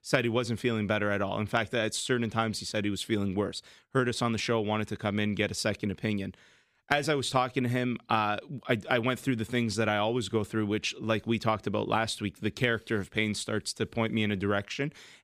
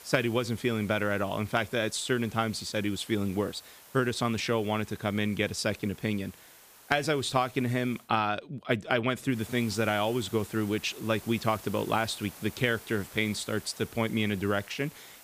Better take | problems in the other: first | hiss; noticeable; until 8 s and from 9.5 s on; 20 dB below the speech

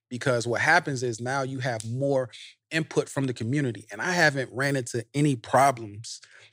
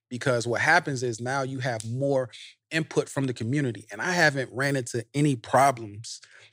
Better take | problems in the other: neither | none

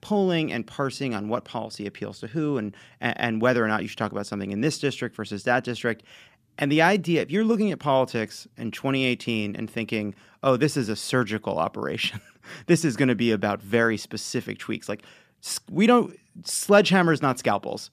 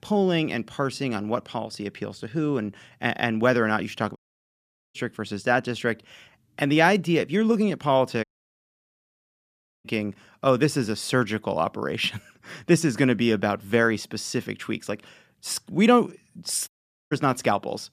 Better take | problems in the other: first | audio cutting out; at 4 s for 1 s, at 8 s for 1.5 s and at 17 s

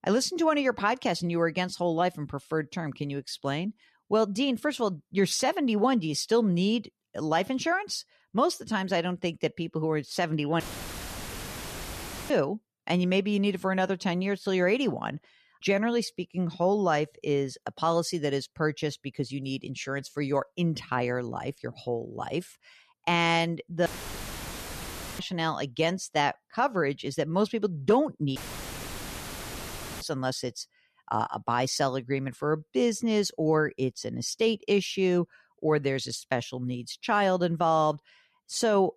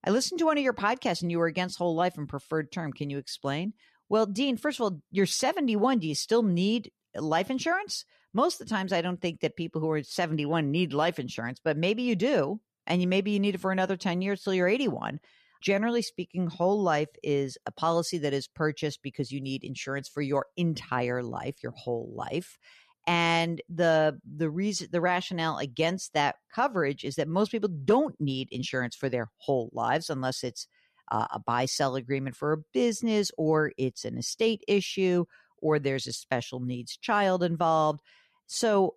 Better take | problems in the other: second | audio cutting out; filled with static; at 11 s for 1.5 s, at 24 s for 1.5 s and at 28 s for 1.5 s

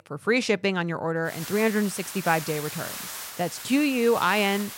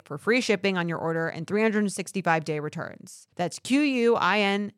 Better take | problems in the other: second | hiss; noticeable; from 1.5 s on; 10 dB below the speech

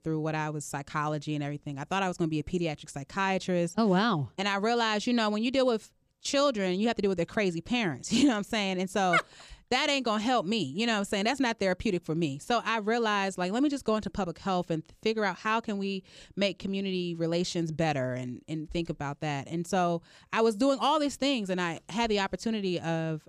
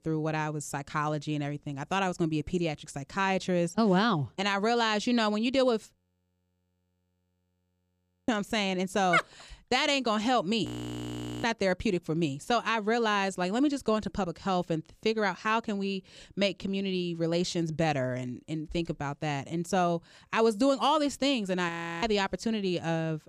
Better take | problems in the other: first | audio freezing; at 6 s for 2.5 s, at 11 s for 1 s and at 22 s

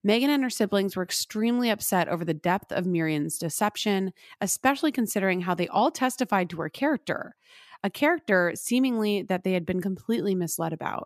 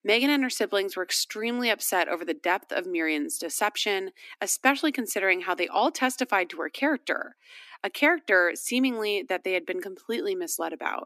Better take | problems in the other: first | thin; very slightly; fading below 250 Hz

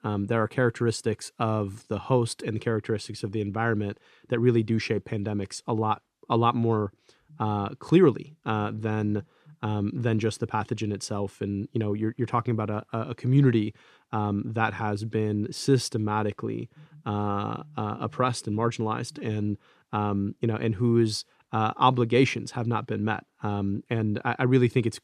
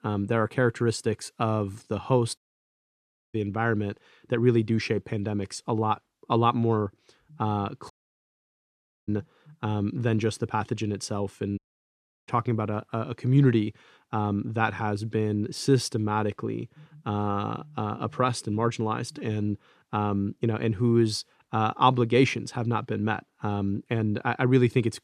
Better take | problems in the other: first | audio cutting out; at 2.5 s for 1 s, at 8 s for 1 s and at 12 s for 0.5 s

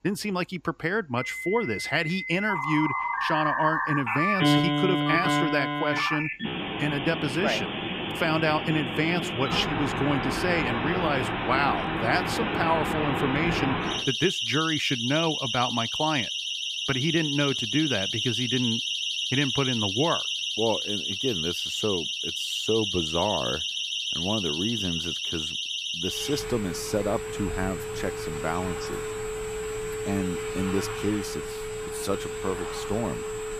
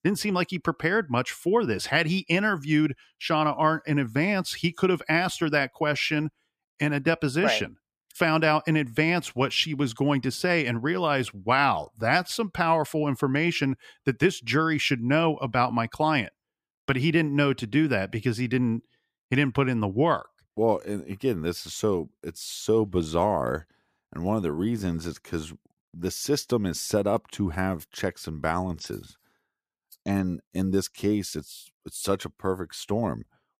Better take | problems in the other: second | alarms or sirens; very loud; throughout; as loud as the speech

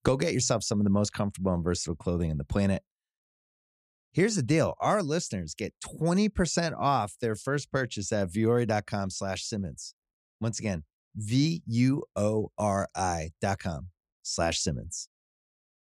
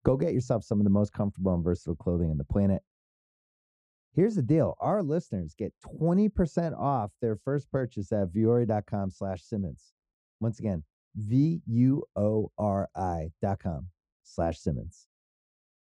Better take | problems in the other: first | muffled; very; fading above 1.5 kHz

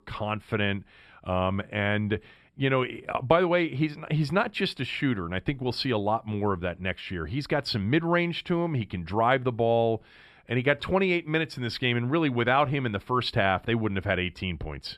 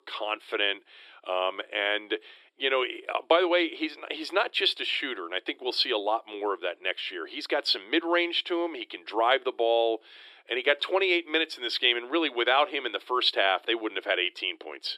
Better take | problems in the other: first | thin; very; fading below 350 Hz

